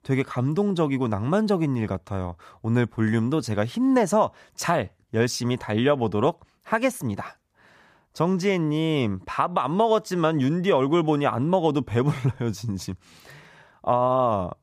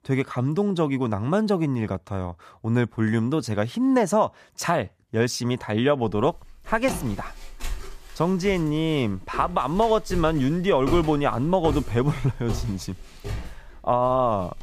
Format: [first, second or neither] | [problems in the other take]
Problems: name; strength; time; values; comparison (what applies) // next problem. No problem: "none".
first | footsteps; noticeable; from 6 s on; peak 7 dB below the speech